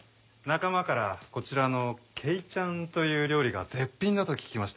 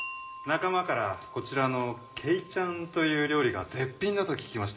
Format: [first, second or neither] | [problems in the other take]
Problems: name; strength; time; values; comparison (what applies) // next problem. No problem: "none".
first | background sound (Wind chime); 16 dB below the speech // room echo; dies away in 2.6 s